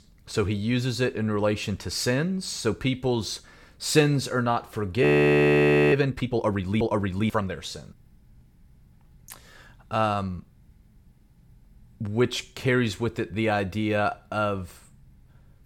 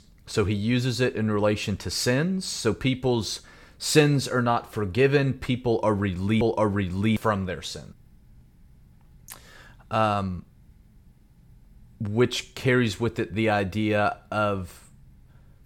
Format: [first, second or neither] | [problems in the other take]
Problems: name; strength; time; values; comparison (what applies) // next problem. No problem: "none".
second | audio freezing; at 5 s for 1 s